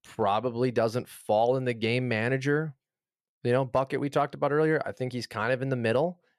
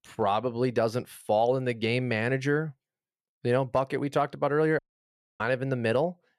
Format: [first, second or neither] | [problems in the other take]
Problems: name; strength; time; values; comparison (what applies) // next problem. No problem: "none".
first | audio cutting out; at 5 s for 0.5 s